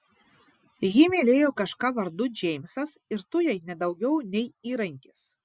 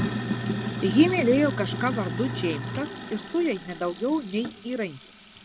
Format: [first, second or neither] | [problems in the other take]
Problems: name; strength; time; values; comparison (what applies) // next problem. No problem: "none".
first | background sound (Sink (filling or washing)); 5 dB below the speech